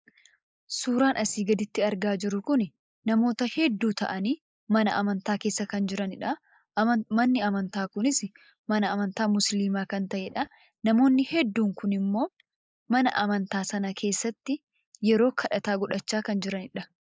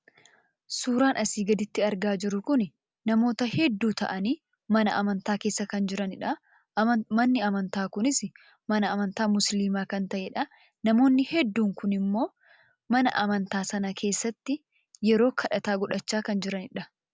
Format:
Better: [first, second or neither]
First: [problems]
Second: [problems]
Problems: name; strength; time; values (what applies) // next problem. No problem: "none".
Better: second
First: noise reduction (neural mask model Resemble Enhance denoiser)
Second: none